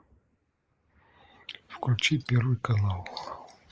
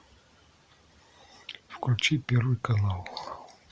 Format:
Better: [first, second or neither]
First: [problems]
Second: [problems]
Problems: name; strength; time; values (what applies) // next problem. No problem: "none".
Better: second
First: noise reduction (neural mask model Resemble Enhance denoiser)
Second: none